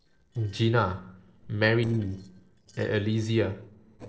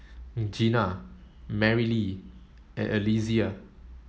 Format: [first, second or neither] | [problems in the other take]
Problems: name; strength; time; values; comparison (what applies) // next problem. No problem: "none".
second | noise reduction (neural separator model SepFormer DNS4)